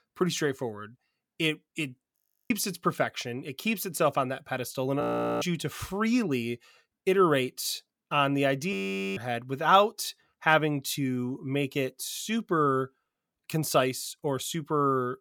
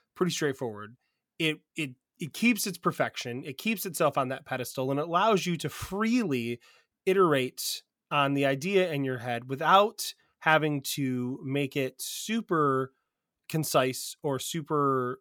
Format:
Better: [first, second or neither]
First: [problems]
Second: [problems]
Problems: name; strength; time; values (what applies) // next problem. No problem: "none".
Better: second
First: audio freezing; at 2 s, at 5 s and at 8.5 s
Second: none